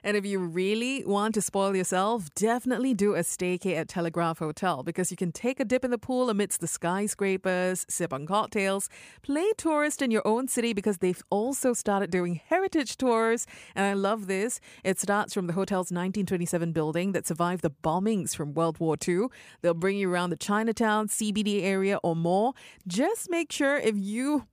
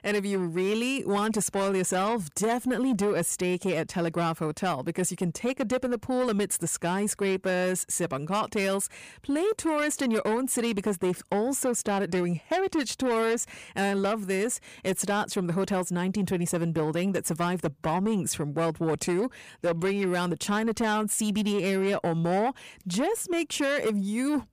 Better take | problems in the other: first | distortion; slight; 10 dB below the speech

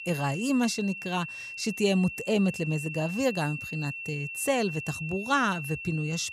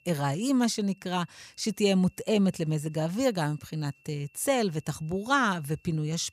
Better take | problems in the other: second | high-pitched whine; loud; throughout; 2.5 kHz, 7 dB below the speech; faint in the second

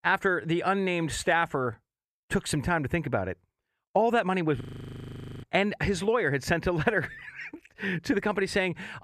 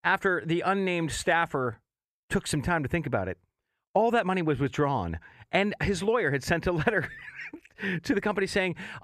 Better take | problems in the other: second | audio freezing; at 4.5 s for 1 s

